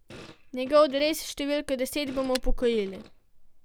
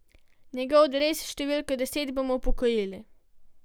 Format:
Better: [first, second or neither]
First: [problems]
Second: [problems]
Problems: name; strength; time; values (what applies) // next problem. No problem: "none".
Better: second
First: background sound (Fart + Fire); 20 dB below the speech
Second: none